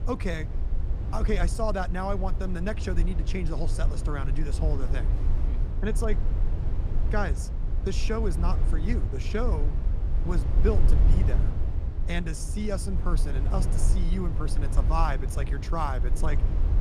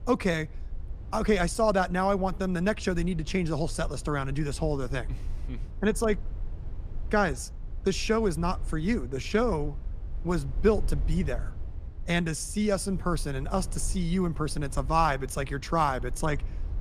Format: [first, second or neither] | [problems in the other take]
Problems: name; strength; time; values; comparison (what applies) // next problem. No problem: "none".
second | low rumble; loud; throughout; 9 dB below the speech; faint in the second